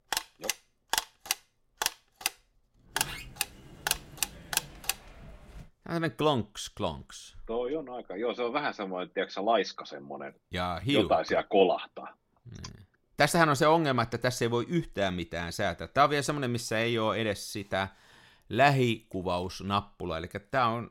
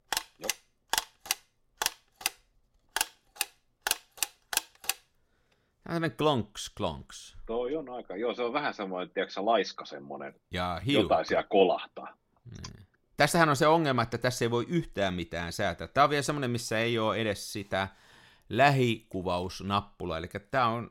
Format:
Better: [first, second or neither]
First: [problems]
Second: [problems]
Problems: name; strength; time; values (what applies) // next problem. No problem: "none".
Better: second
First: door banging; faint; from 3 to 5.5 s; peak 10 dB below the speech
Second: none